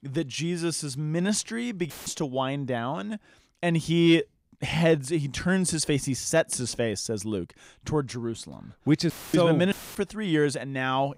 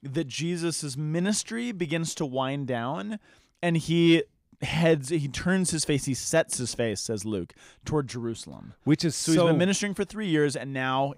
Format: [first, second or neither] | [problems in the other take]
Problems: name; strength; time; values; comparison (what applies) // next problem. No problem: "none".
second | audio cutting out; filled with static; at 2 s, at 9 s and at 9.5 s